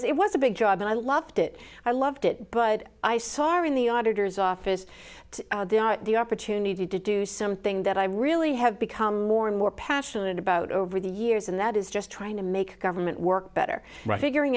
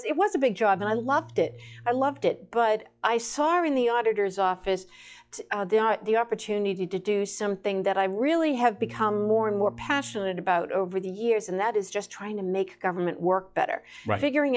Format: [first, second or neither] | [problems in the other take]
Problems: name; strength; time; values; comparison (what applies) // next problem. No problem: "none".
first | noise reduction (classical method log-MMSE)